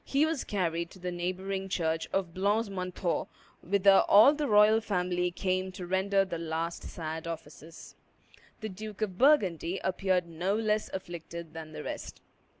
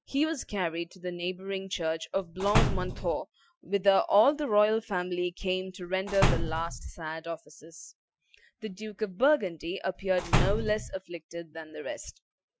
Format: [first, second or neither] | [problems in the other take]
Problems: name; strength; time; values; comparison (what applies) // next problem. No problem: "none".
first | noise reduction (classical method Wiener filter)